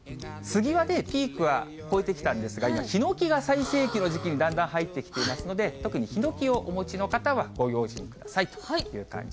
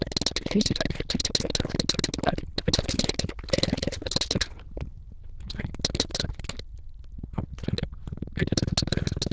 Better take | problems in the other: first | noise reduction (neural diffusion model UNIVERSE++)

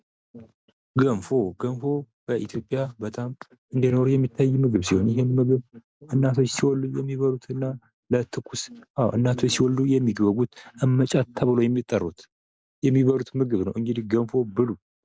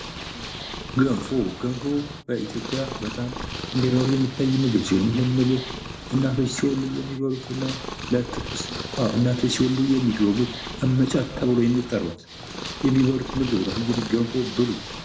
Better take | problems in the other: first | background sound (Purr); 10 dB below the speech // room echo; dies away in 0.6 s

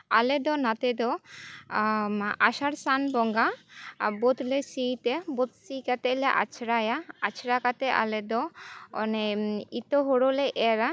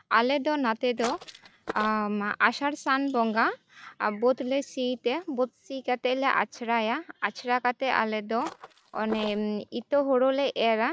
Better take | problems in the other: first | noise reduction (neural mask model RNNoise)

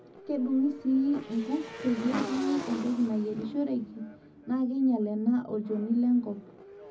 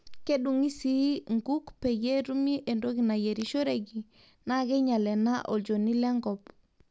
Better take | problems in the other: second | background sound (Motorcycle / Engine); 13 dB below the speech // room echo; dies away in 0.4 s

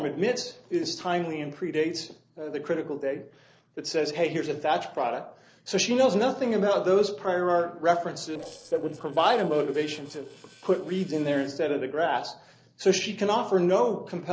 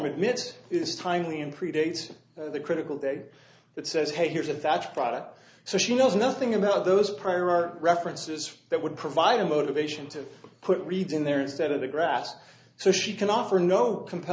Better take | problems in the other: second | noise reduction (neural separator model SepFormer DNS4)

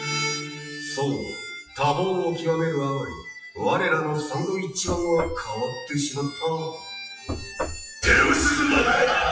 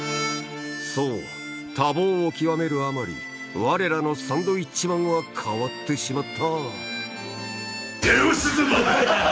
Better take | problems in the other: second | noise reduction (classical method WPE with log-MMSE)

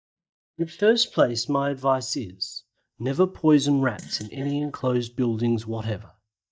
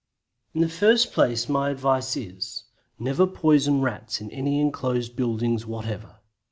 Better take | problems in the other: second | noise reduction (neural mask model DeepFilterNet 3)

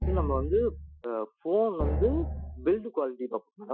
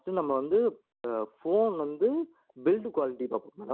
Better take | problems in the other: second | noise reduction (classical method Wiener filter)

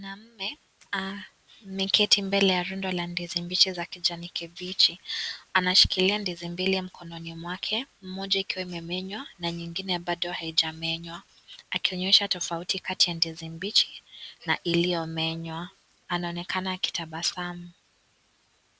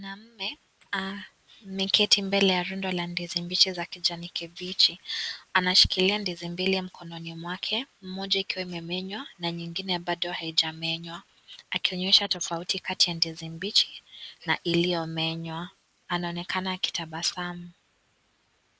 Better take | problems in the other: first | noise reduction (neural mask model Resemble Enhance denoiser)

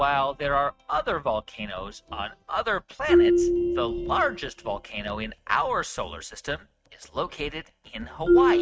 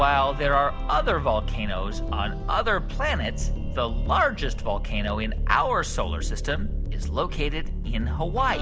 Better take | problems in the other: second | noise reduction (neural mask model RNNoise)

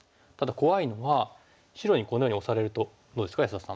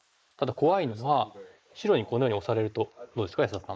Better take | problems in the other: first | noise reduction (neural mask model Resemble Enhance denoiser)

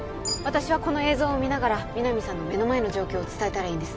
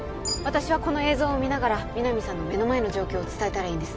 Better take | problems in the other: first | background sound (Musical instrument); 14 dB below the speech

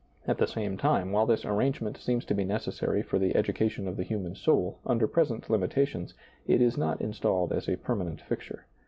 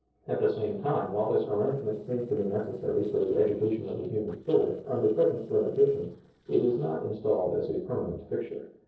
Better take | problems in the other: first | noise reduction (neural separator model SepFormer DNS4)

